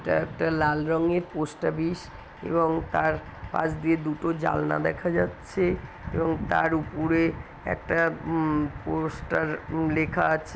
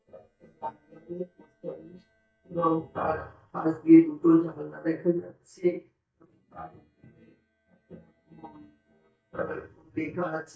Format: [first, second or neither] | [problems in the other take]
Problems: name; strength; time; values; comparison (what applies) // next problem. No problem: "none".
first | noise reduction (neural mask model DeepFilterNet 3)